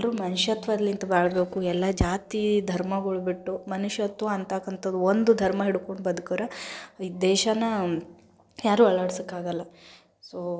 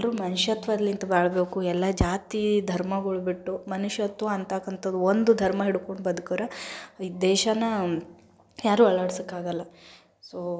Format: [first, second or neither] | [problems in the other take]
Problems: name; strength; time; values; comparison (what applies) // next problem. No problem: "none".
second | noise reduction (neural separator model SepFormer DNS4)